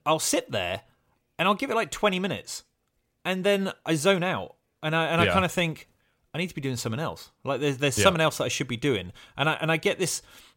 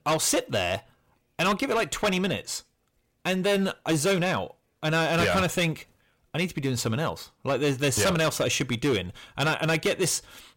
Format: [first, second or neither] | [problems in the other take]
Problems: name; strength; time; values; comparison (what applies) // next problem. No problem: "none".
first | distortion; heavy; 9% of the sound clipped